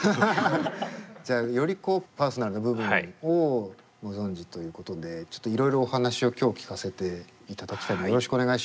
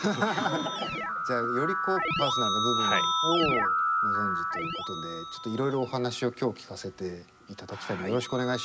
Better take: first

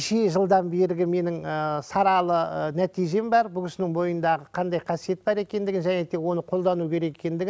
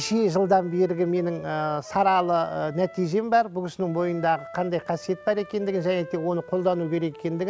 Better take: first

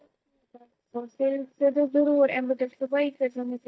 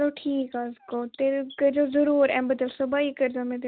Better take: second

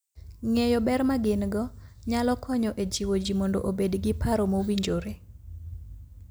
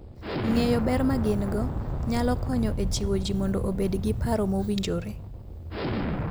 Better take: first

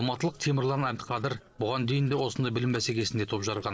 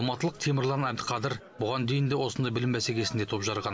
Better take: second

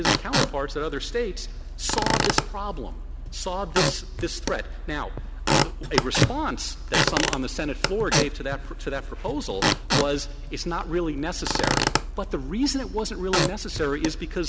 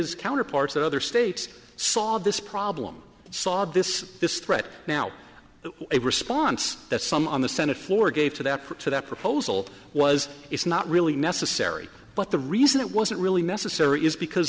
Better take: second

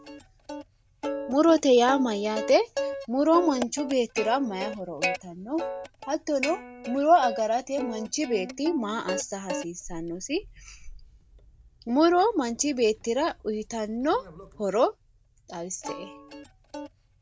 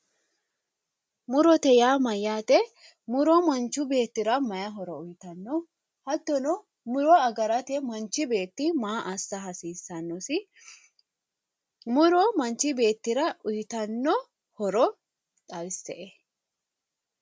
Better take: second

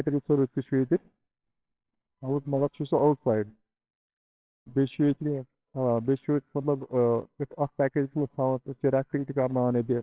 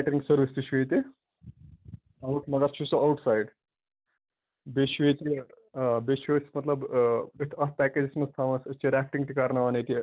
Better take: second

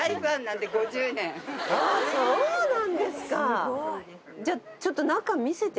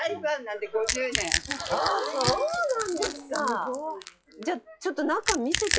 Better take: first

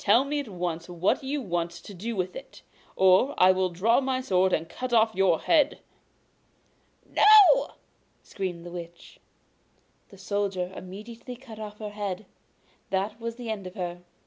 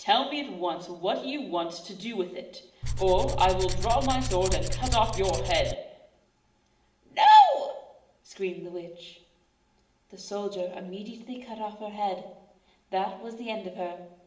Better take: first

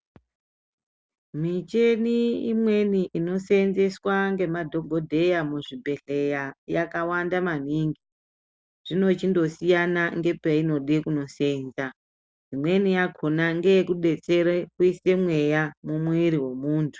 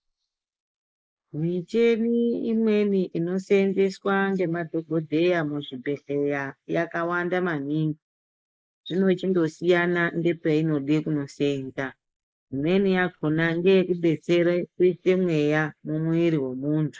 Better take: first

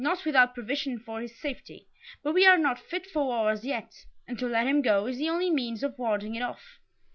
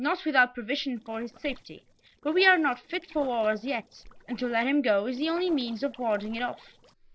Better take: first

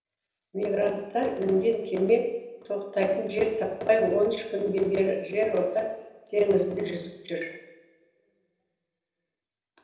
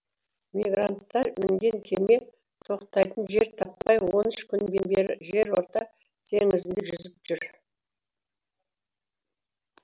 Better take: second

